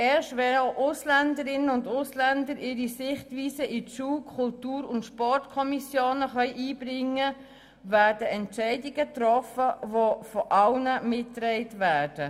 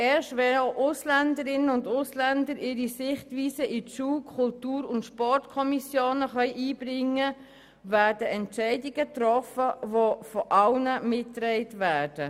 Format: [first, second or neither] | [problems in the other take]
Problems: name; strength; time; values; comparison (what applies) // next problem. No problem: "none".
second | room echo; dies away in 1 s